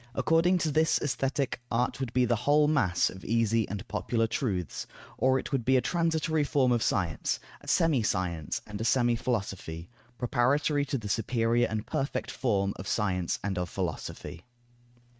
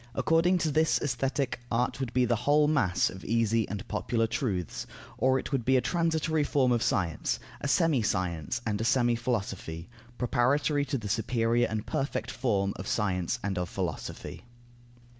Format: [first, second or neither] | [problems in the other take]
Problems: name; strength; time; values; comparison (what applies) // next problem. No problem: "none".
second | noise reduction (neural mask model RNNoise)